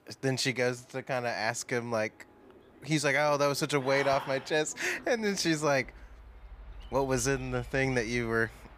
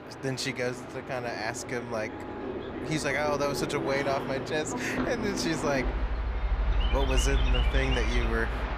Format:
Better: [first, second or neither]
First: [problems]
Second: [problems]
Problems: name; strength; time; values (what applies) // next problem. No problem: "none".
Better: first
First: train or aircraft noise; faint; throughout; 25 dB below the speech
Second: train or aircraft noise; loud; throughout; 1 dB below the speech